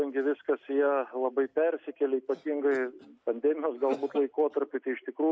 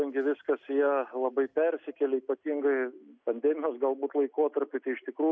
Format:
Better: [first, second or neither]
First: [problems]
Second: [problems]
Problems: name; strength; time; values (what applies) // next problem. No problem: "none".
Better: second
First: background sound (Cough); 16 dB below the speech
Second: none